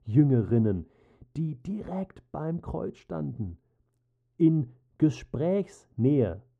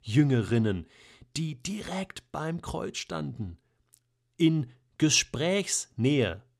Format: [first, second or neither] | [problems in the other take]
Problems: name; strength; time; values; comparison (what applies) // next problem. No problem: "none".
second | muffled; very; fading above 1.5 kHz